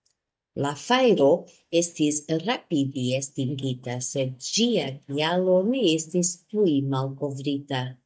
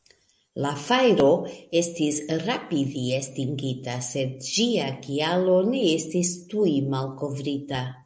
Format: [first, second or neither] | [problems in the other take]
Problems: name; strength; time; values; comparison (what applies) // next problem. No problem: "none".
second | noise reduction (neural mask model DeepFilterNet 3)